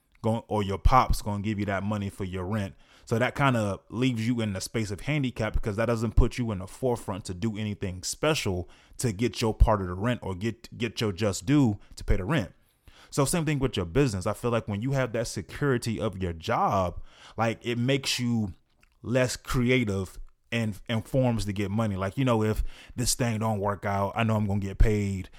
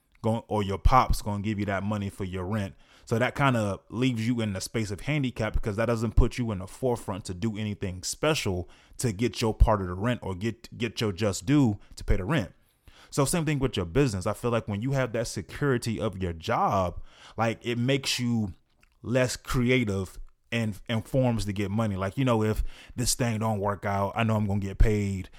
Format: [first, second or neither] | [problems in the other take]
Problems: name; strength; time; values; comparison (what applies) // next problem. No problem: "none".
neither | none